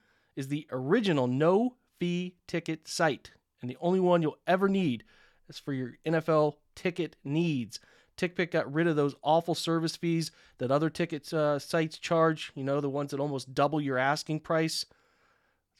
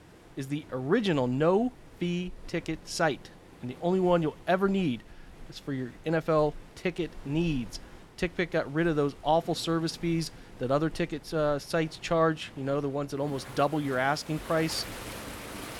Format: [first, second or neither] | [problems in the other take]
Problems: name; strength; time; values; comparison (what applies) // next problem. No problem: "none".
first | rain or running water; noticeable; throughout; 20 dB below the speech